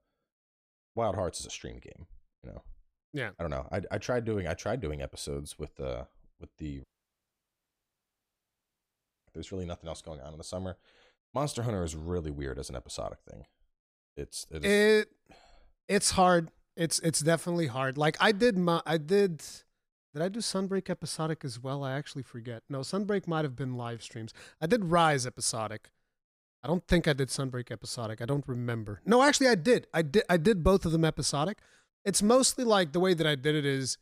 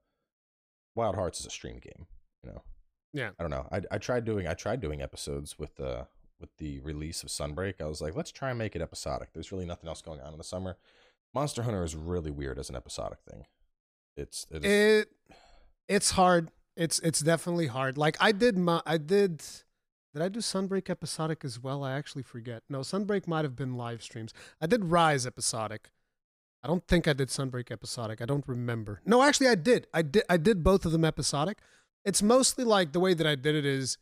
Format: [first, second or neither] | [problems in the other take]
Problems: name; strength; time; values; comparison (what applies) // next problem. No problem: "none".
second | audio cutting out; at 7 s for 2.5 s